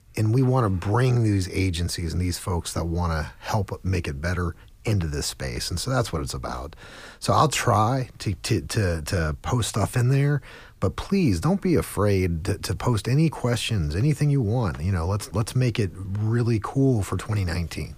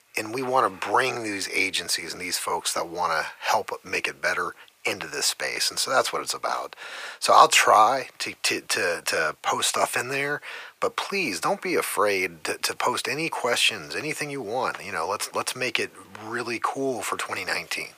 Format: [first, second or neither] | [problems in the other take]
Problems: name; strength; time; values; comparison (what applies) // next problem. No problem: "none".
first | thin; very; fading below 700 Hz